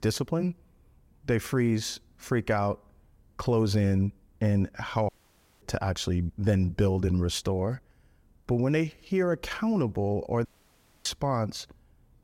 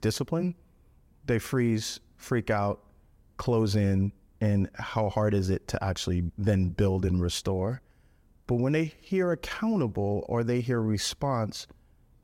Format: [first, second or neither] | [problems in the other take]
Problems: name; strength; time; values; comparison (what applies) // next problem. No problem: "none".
second | audio cutting out; at 5 s for 0.5 s and at 10 s for 0.5 s